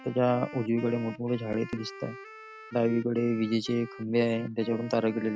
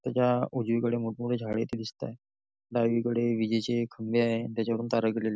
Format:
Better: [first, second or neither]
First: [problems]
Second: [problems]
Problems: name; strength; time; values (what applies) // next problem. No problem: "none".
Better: second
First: background sound (Wind instrument, woodwind instrument); 17 dB below the speech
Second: none